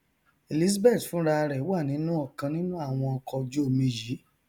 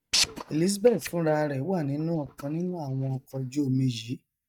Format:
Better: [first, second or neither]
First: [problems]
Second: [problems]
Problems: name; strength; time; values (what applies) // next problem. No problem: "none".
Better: first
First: none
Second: noise reduction (neural mask model DeepFilterNet 3)